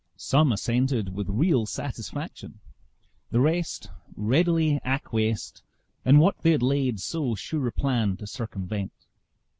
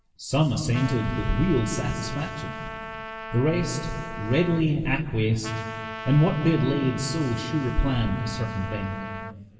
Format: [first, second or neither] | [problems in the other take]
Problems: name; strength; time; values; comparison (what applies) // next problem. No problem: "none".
first | background sound (Trumpet); 12 dB below the speech // room echo; dies away in 2.6 s